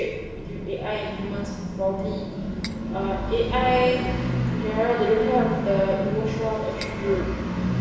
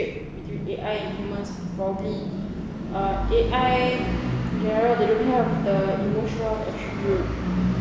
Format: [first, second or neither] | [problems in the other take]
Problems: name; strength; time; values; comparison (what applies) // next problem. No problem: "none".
second | background sound (Cutlery, silverware); 18 dB below the speech // room echo; dies away in 1 s